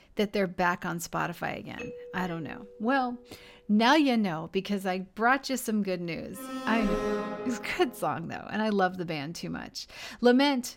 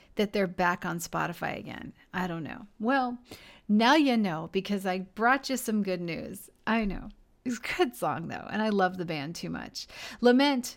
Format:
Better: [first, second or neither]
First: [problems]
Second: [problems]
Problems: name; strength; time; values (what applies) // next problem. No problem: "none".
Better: second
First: doorbell; faint; from 2 to 3.5 s; peak 15 dB below the speech // alarm; noticeable; from 6.5 to 8 s; peak 1 dB below the speech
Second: none